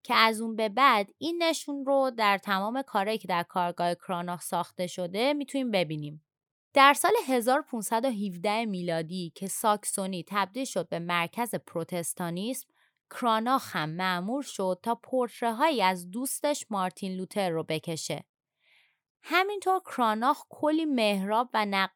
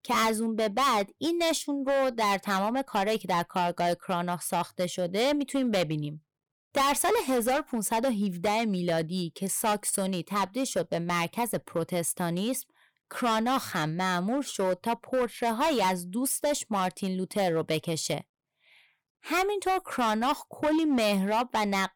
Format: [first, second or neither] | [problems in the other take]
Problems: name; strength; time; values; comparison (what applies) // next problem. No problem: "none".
first | distortion; heavy; 11% of the sound clipped